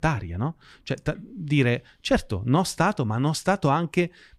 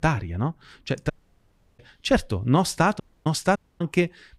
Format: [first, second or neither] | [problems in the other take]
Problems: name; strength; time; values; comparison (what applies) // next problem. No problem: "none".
first | audio cutting out; at 1 s for 0.5 s, at 3 s and at 3.5 s